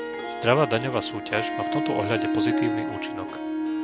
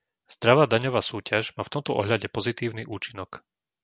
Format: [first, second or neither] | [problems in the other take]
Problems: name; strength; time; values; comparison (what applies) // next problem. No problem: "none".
second | background sound (Harp); as loud as the speech